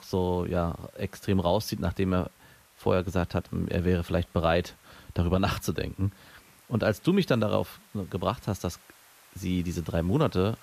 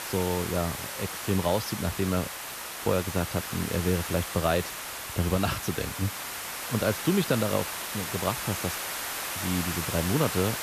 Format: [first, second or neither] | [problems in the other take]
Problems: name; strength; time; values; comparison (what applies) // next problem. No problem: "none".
first | hiss; loud; throughout; 3 dB below the speech; faint in the first